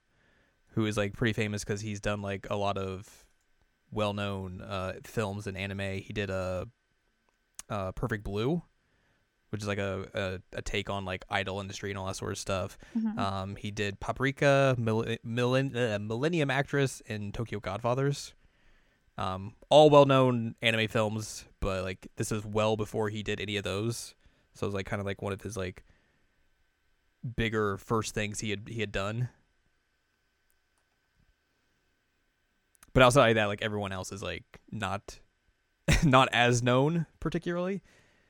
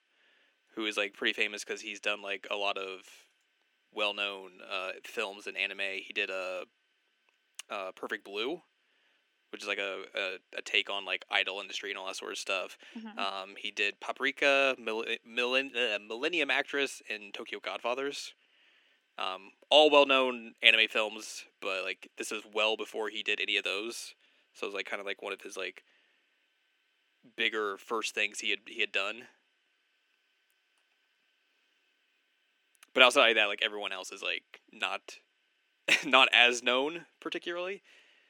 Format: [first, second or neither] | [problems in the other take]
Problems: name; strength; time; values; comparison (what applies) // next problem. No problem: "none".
first | thin; somewhat; fading below 300 Hz